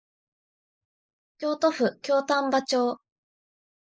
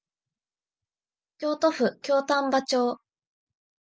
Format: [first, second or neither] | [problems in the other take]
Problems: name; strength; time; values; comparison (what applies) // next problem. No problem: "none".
second | noise reduction (neural mask model Resemble Enhance denoiser)